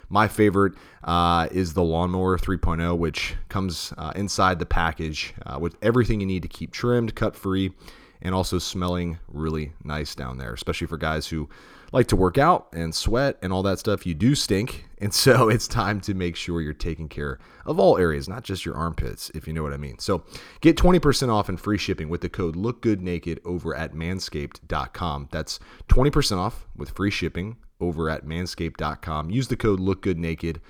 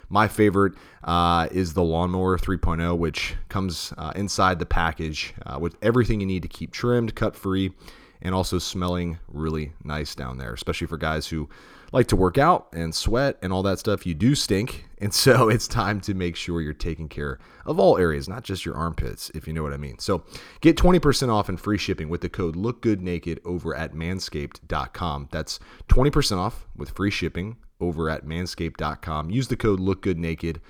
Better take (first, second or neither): neither